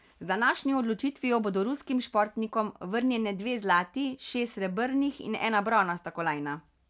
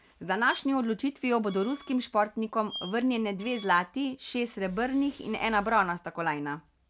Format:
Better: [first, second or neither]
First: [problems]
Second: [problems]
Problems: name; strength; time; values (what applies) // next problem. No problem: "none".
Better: first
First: none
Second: background sound (Breathing + Squeak); 20 dB below the speech